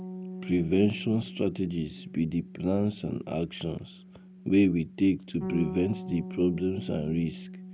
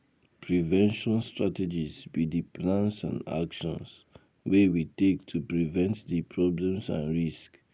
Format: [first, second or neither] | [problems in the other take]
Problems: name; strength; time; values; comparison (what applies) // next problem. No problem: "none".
second | background sound (Bass guitar); 12 dB below the speech